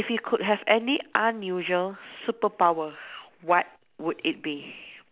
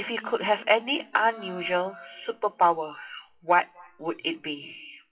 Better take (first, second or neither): first